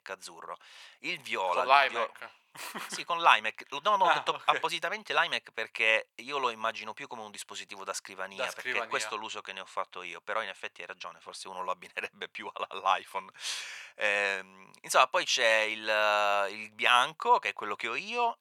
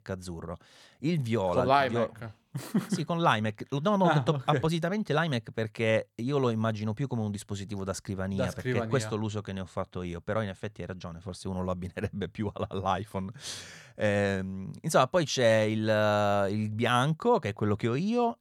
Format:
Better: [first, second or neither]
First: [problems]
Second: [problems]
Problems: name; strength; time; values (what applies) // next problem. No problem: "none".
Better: second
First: thin; very; fading below 750 Hz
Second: none